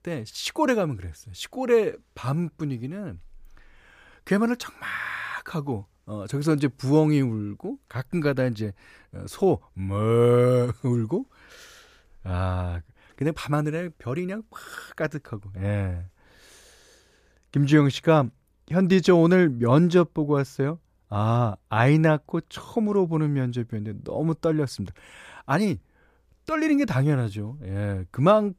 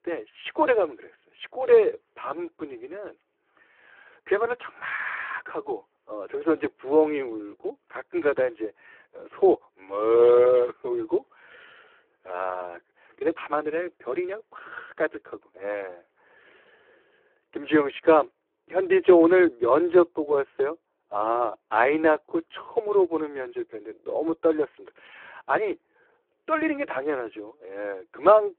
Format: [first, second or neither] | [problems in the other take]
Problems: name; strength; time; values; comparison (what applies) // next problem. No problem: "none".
first | phone-call audio; poor line